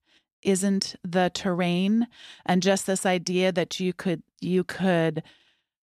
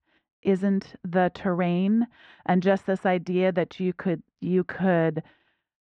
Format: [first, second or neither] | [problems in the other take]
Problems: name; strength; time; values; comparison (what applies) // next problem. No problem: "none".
first | muffled; very; fading above 1.5 kHz